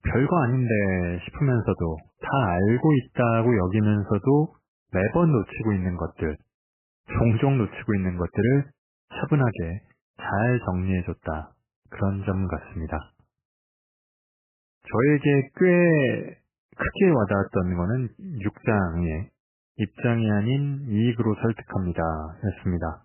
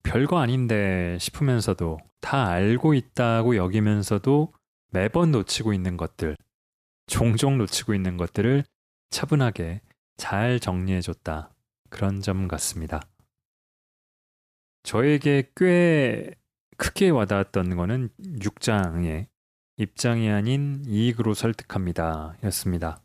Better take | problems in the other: second | garbled, watery; badly; nothing above 3 kHz

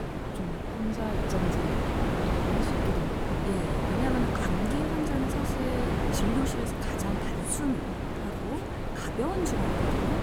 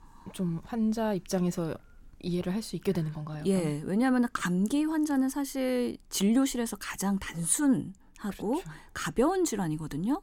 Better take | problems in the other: second | wind noise on the microphone; heavy; 5 dB above the speech

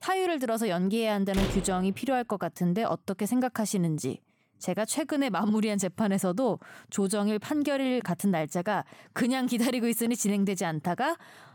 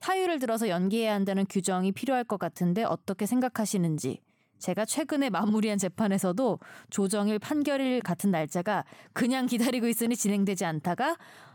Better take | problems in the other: second | door banging; noticeable; at 1.5 s; peak 4 dB below the speech

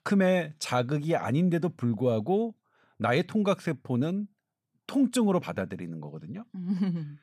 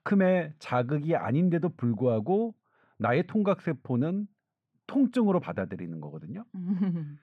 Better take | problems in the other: first | muffled; slightly; fading above 4 kHz

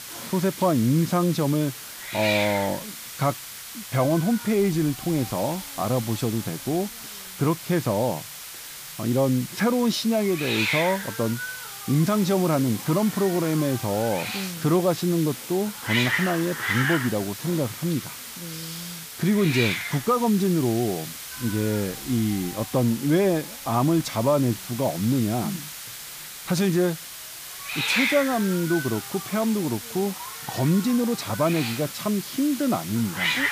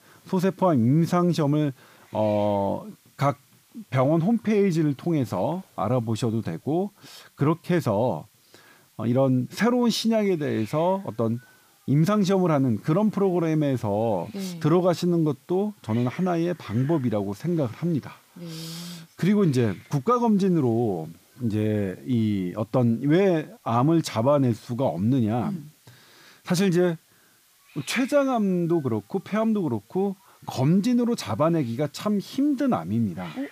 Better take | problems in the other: second | hiss; loud; throughout; 7 dB below the speech; faint in the second

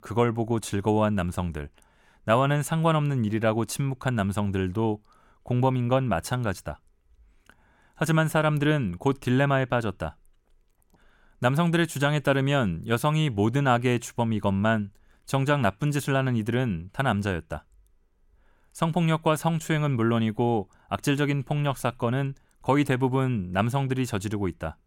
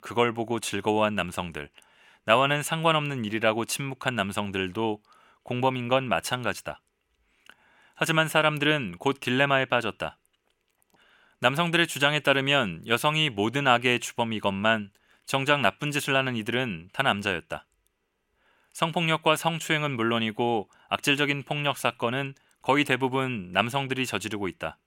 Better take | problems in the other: first | thin; very slightly; fading below 750 Hz

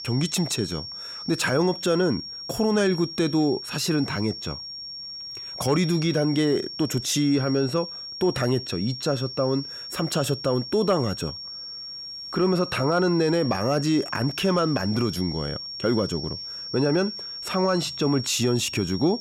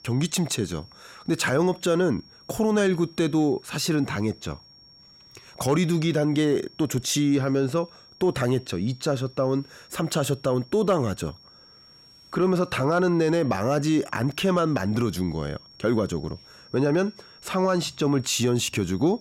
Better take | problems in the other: second | high-pitched whine; loud; throughout; 5.5 kHz, 9 dB below the speech; faint in the second

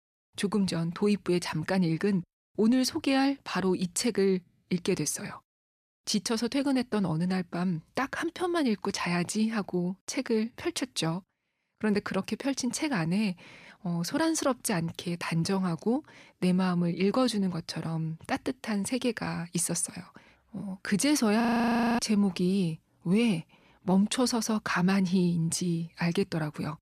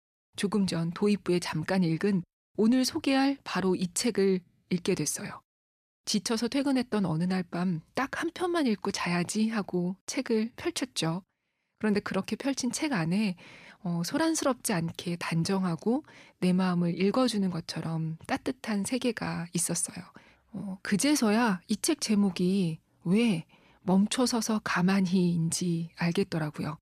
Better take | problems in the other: second | audio freezing; at 21 s for 0.5 s

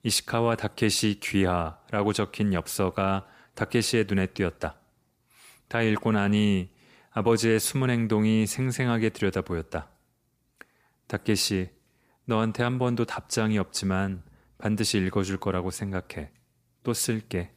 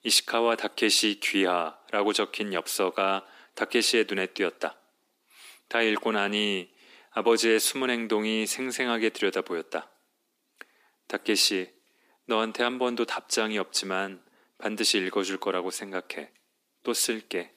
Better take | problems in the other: first | thin; somewhat; fading below 250 Hz

